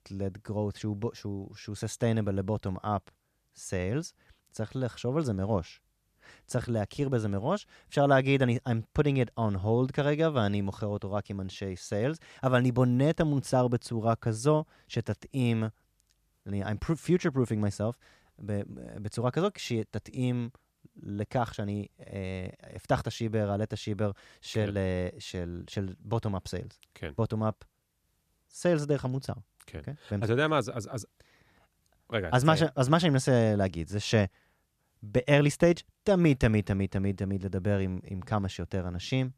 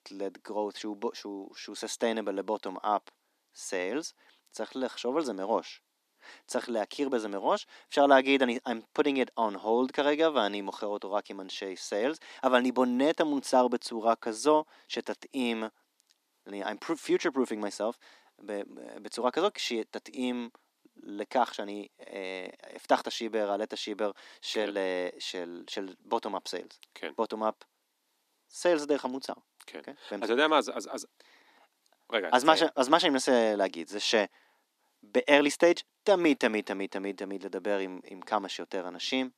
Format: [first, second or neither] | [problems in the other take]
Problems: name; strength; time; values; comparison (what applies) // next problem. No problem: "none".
first | thin; somewhat; fading below 250 Hz